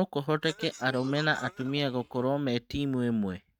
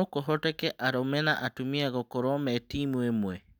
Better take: second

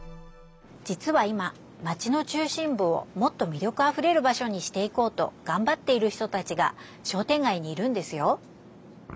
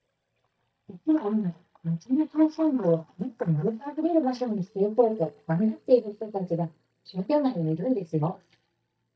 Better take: first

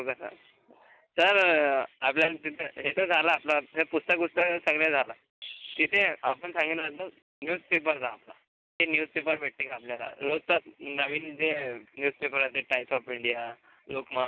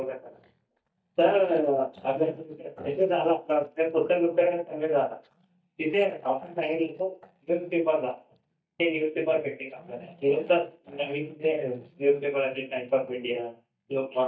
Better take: first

